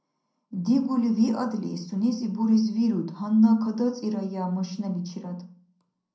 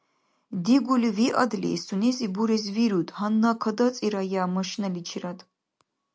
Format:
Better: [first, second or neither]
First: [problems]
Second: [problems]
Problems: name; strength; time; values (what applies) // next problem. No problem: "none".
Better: second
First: room echo; dies away in 0.6 s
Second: none